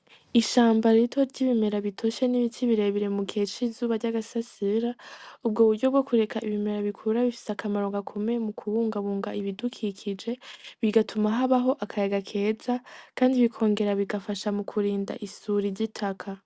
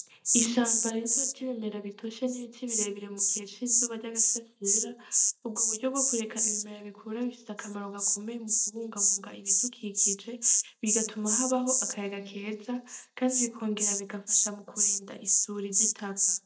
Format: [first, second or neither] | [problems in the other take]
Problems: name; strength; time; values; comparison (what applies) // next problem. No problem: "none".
first | noise reduction (neural mask model DeepFilterNet 3)